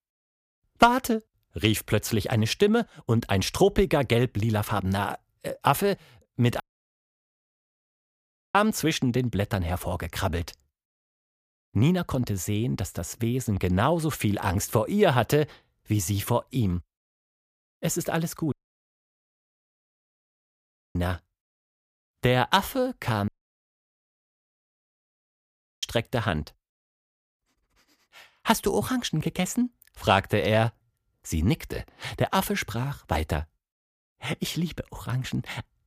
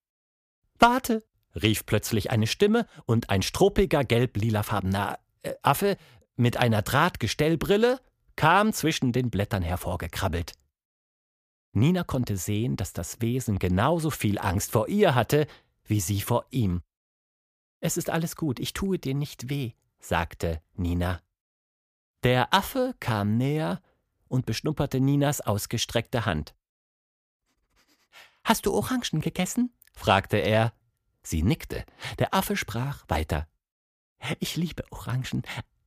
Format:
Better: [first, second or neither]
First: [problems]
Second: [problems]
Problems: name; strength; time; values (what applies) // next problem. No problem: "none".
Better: second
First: audio cutting out; at 6.5 s for 2 s, at 19 s for 2.5 s and at 23 s for 2.5 s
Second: none